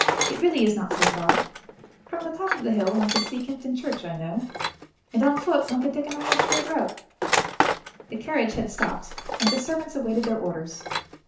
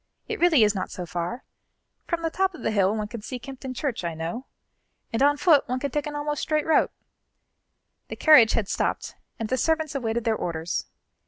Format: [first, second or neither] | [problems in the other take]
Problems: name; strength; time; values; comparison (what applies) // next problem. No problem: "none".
second | background sound (Tools); 2 dB below the speech // room echo; dies away in 0.9 s